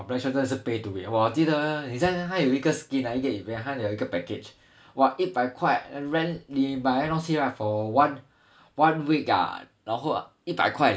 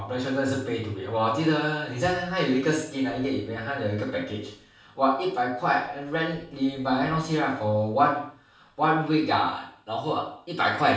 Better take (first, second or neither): first